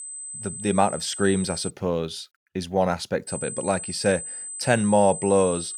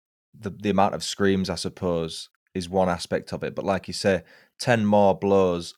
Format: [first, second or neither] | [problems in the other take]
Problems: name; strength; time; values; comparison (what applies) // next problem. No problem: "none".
second | high-pitched whine; loud; until 1.5 s and from 3.5 s on; 8 kHz, 8 dB below the speech